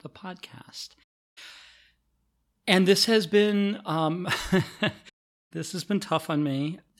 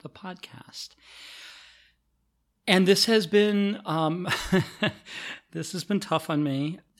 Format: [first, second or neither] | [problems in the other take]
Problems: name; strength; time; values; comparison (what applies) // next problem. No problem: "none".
second | audio cutting out; at 1 s and at 5 s